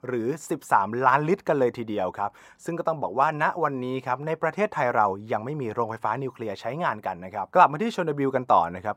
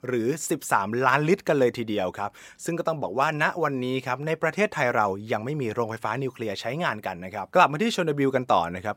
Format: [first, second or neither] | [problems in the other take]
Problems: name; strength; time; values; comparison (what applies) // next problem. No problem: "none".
second | muffled; slightly; fading above 2 kHz